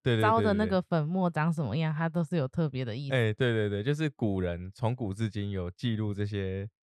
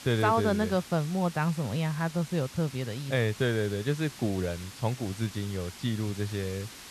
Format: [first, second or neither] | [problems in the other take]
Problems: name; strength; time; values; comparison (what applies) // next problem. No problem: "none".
first | hiss; noticeable; throughout; 15 dB below the speech